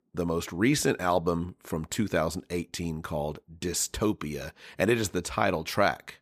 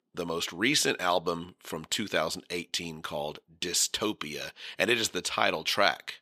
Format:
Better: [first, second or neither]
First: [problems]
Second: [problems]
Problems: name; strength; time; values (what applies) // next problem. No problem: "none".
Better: first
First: none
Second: thin; very slightly; fading below 400 Hz